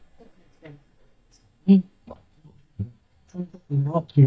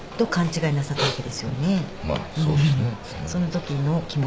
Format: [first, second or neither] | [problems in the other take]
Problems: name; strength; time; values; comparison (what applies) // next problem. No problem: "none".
second | noise reduction (neural mask model DeepFilterNet 3)